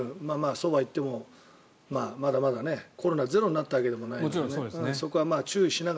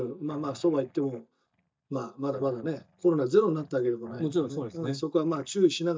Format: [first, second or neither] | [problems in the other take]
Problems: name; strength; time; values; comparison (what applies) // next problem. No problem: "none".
first | noise reduction (neural mask model DeepFilterNet 3)